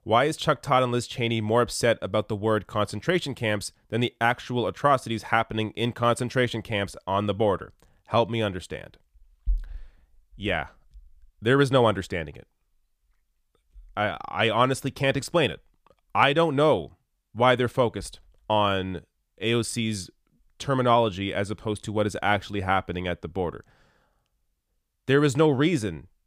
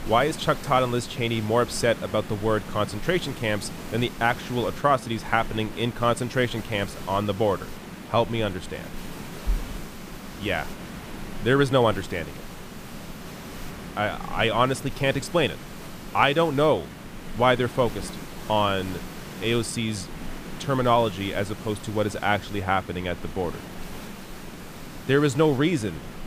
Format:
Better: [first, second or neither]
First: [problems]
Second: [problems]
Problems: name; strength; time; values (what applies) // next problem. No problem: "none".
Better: first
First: none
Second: hiss; noticeable; throughout; 15 dB below the speech